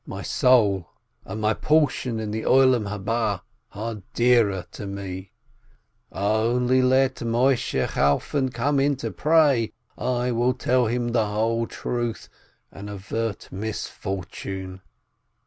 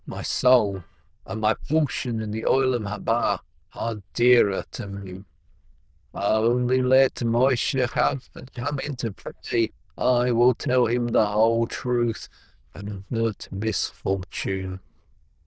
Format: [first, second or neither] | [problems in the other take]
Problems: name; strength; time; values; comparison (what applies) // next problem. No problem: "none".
first | noise reduction (neural diffusion model UNIVERSE++)